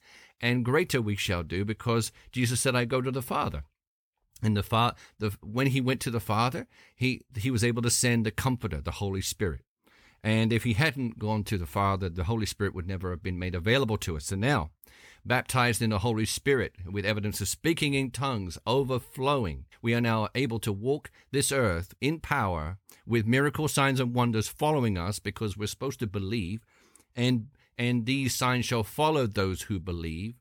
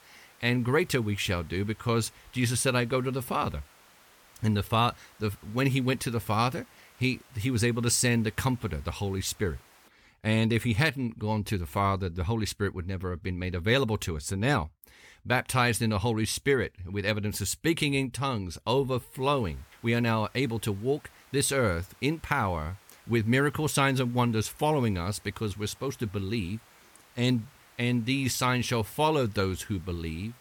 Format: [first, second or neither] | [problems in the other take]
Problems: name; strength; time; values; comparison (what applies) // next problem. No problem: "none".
first | hiss; faint; until 10 s and from 19 s on; 25 dB below the speech